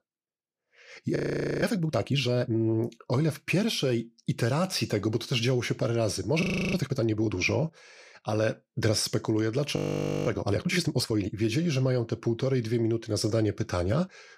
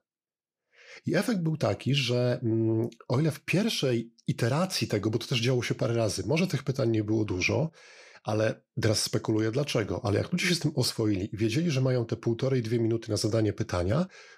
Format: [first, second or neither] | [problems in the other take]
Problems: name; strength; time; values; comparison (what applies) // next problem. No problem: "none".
second | audio freezing; at 1 s, at 6.5 s and at 10 s for 0.5 s